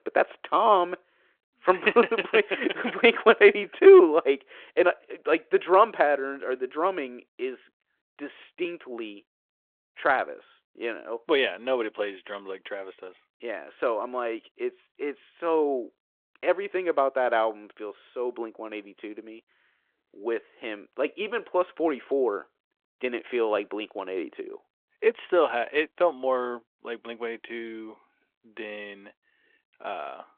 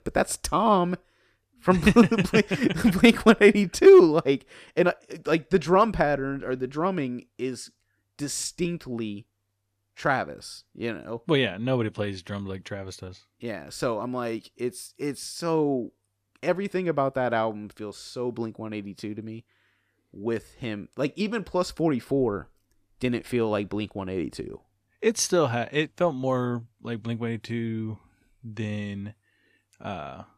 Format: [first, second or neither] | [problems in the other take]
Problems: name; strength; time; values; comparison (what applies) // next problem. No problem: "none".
second | phone-call audio; nothing above 3.5 kHz